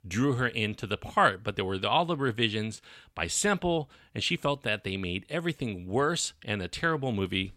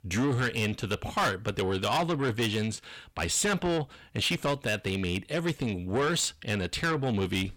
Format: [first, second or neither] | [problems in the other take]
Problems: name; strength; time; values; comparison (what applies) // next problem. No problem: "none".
first | distortion; heavy; 7 dB below the speech